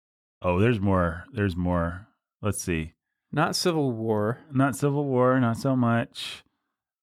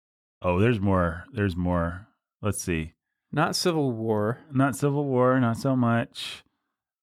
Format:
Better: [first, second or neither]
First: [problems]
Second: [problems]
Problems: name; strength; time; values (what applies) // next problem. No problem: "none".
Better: neither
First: none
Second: none